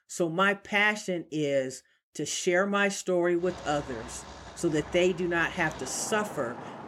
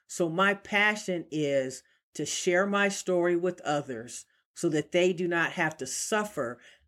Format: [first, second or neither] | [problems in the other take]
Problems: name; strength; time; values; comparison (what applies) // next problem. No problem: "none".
second | traffic noise; noticeable; from 3.5 s on; 15 dB below the speech